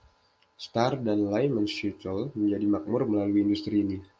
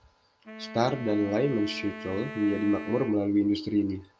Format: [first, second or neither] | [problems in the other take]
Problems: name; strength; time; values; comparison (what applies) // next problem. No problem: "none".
first | background sound (Wind instrument, woodwind instrument); 14 dB below the speech